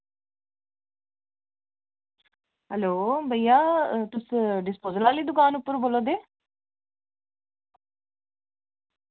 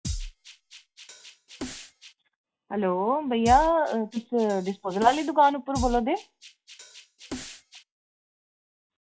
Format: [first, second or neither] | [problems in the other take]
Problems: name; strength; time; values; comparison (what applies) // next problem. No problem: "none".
first | noise reduction (classical method log-MMSE)